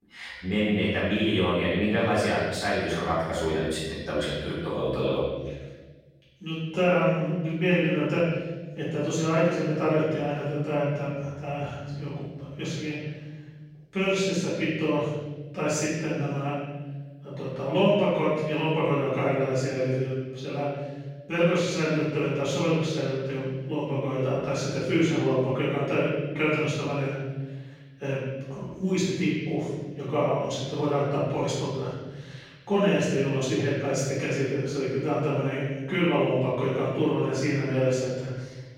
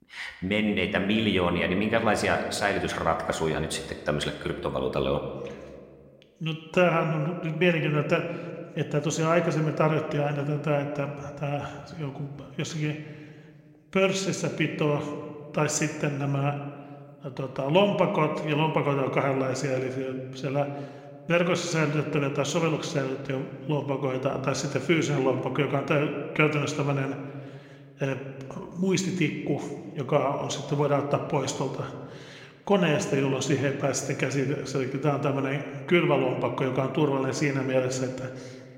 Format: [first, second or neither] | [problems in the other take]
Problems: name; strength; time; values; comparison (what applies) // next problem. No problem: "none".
second | room echo; strong; dies away in 1.4 s; slight in the second // off-mic speech; far